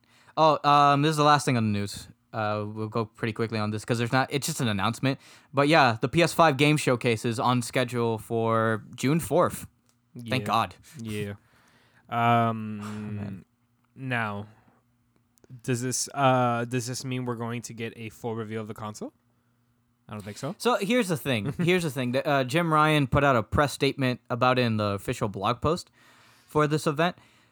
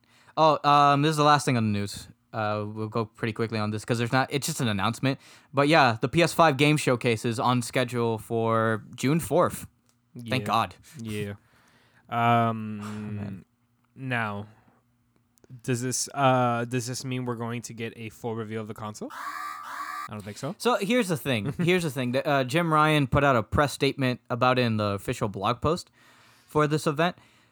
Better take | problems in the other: first | alarm; noticeable; at 19 s; peak 9 dB below the speech

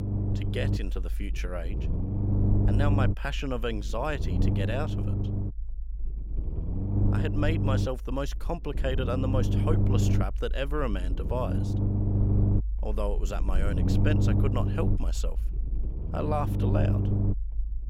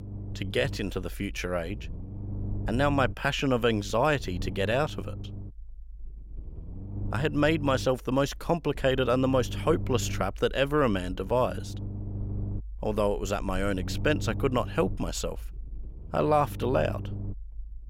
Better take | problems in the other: second | low rumble; loud; throughout; 4 dB below the speech; faint in the second

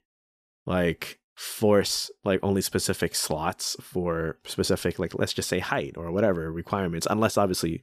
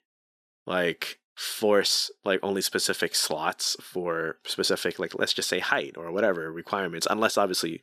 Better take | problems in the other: first | thin; very slightly; fading below 250 Hz

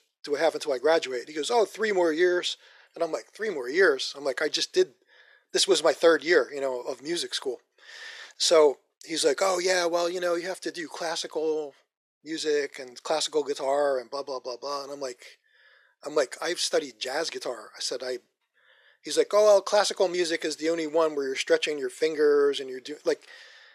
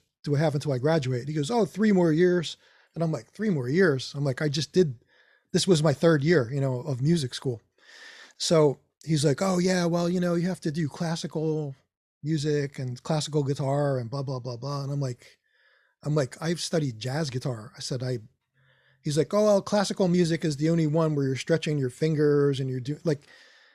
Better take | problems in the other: second | thin; very; fading below 400 Hz

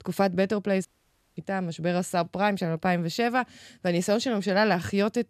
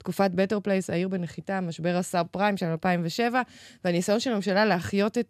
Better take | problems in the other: second | audio cutting out; at 1 s for 0.5 s

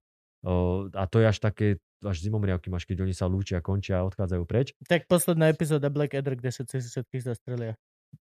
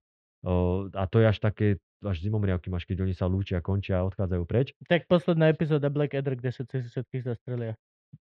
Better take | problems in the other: first | muffled; slightly; fading above 3.5 kHz

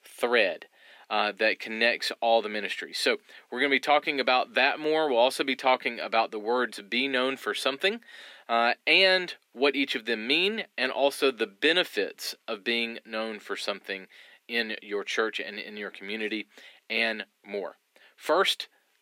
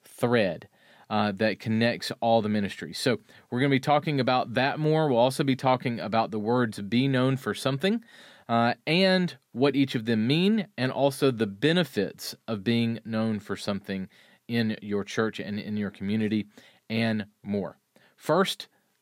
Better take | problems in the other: second | thin; somewhat; fading below 300 Hz

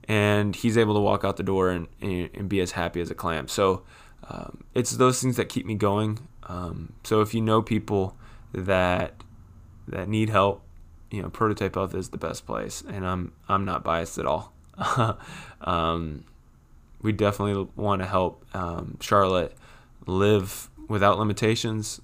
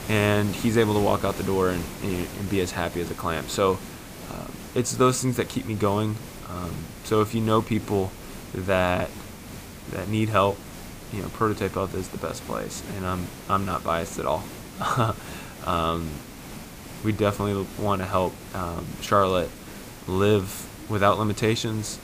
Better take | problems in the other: first | hiss; noticeable; throughout; 15 dB below the speech

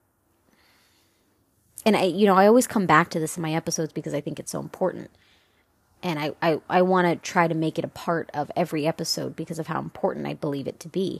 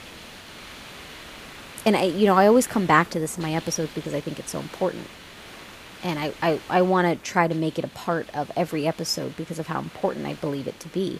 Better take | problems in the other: first | hiss; noticeable; throughout; 20 dB below the speech

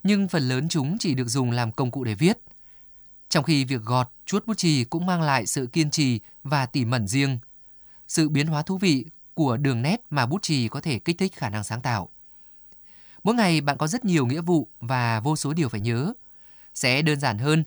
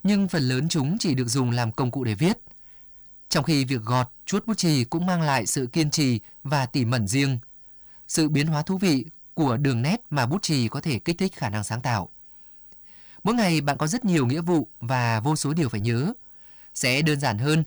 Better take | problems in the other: first | distortion; slight; 6% of the sound clipped

